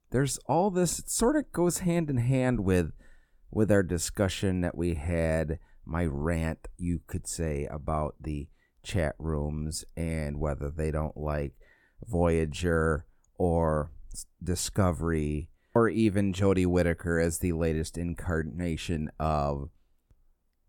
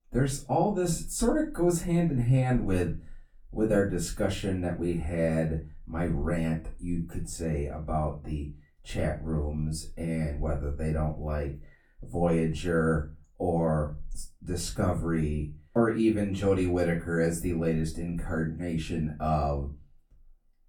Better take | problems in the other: first | off-mic speech; far // room echo; very slight; dies away in 0.3 s

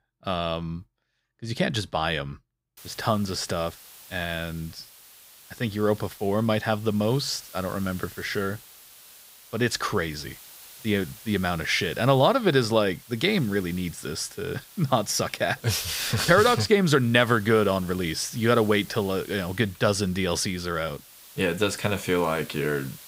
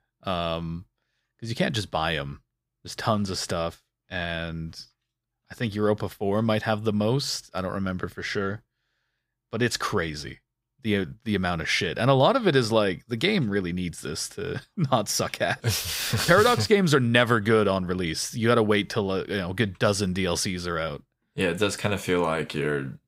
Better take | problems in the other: second | hiss; noticeable; from 3 s on; 20 dB below the speech

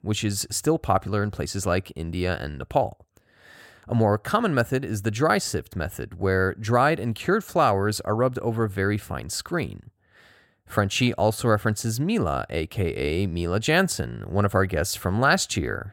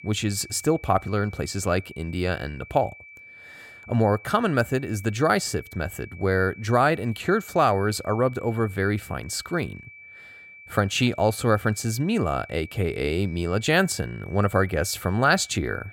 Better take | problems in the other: first | high-pitched whine; noticeable; throughout; 2.5 kHz, 20 dB below the speech

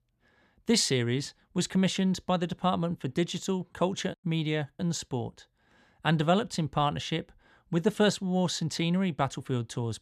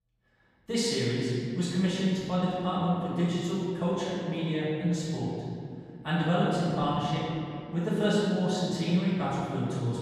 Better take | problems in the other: first | off-mic speech; far // room echo; strong; dies away in 2.4 s

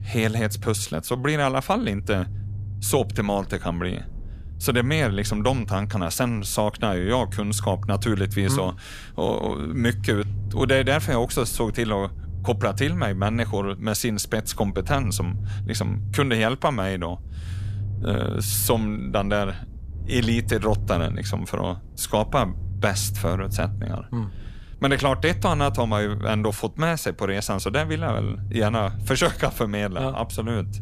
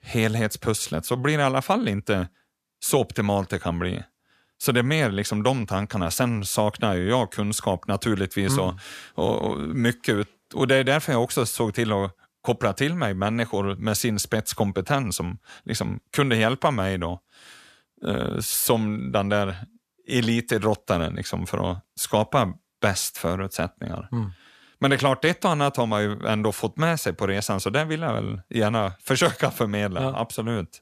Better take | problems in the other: second | low rumble; faint; throughout; 20 dB below the speech

